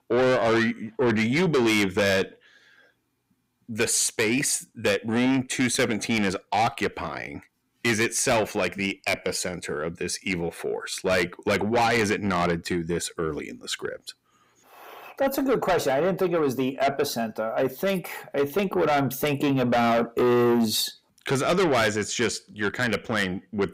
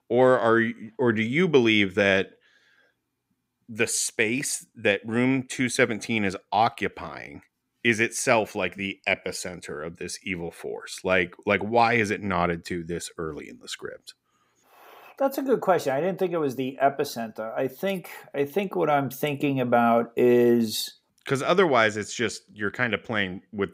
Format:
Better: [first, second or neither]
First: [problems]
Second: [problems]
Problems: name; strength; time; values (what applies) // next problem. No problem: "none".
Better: second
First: distortion; heavy; 6 dB below the speech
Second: none